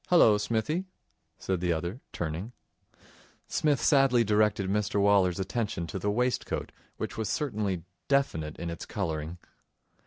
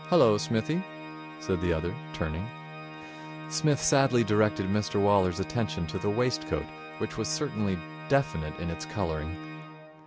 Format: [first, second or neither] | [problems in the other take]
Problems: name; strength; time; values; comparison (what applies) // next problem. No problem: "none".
first | background sound (Organ); 12 dB below the speech